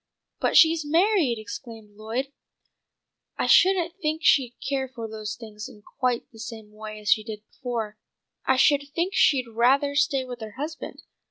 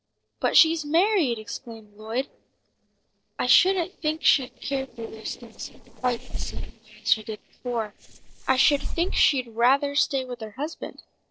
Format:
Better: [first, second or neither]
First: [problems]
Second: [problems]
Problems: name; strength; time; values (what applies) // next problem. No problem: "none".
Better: first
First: none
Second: noise reduction (neural separator model SepFormer DNS4)